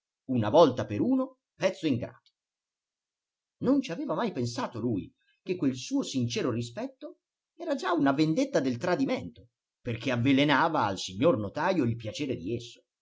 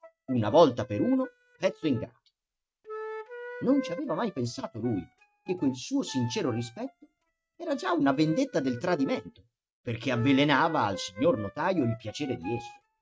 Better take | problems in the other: first | noise reduction (neural mask model RNNoise)

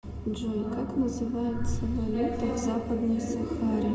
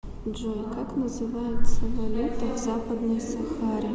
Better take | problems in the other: second | room echo; dies away in 0.2 s

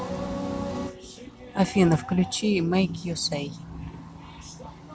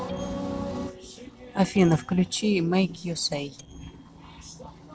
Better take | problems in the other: first | noise reduction (neural separator model SepFormer DNS4)

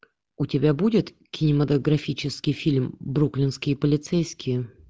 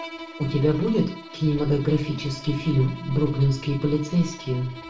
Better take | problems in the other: first | background sound (Bowed string instrument); 16 dB below the speech // room echo; dies away in 0.3 s

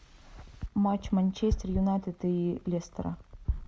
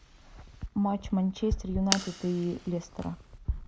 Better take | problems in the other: first | background sound (Fire); 6 dB below the speech

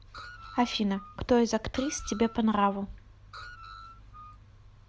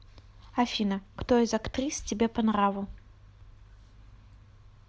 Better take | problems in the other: second | background sound (Screech); 18 dB below the speech

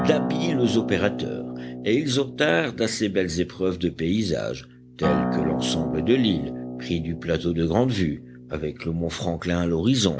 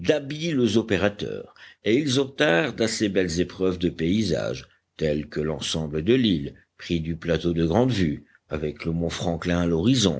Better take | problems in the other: second | background sound (Acoustic guitar); 6 dB below the speech

